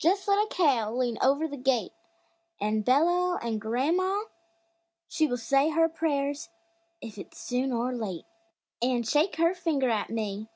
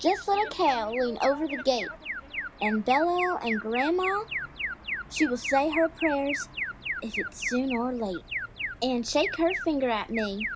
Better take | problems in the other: first | background sound (Alarm); 7 dB below the speech

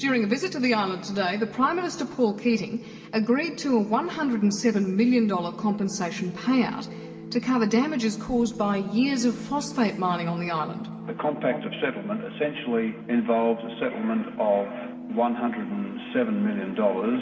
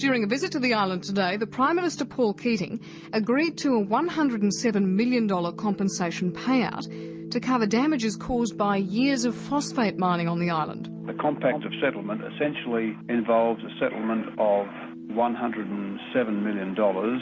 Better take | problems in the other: second | room echo; dies away in 1.8 s

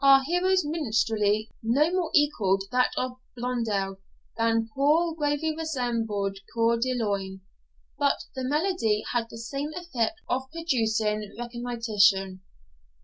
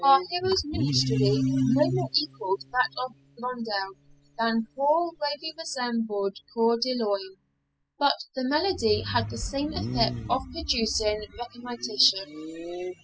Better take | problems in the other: first | noise reduction (classical method spectral subtraction)

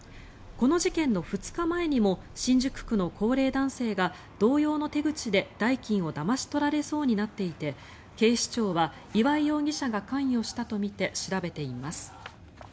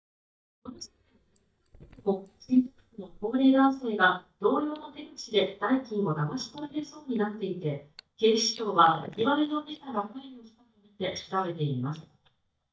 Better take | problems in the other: first | noise reduction (neural mask model DeepFilterNet 3)

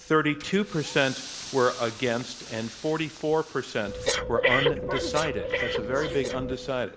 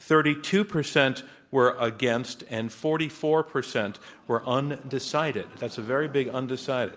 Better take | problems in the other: second | background sound (Breathing); 4 dB below the speech

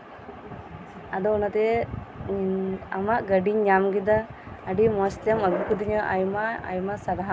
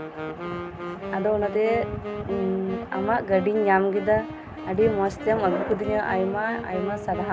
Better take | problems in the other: first | background sound (Wind instrument, woodwind instrument); 9 dB below the speech

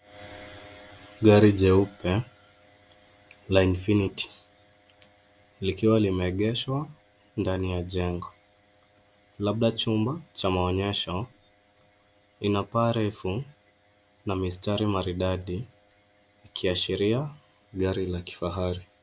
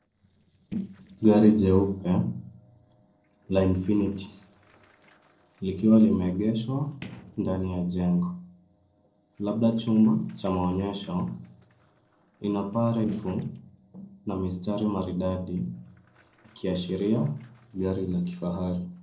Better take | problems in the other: first | noise reduction (neural separator model SepFormer DNS4)

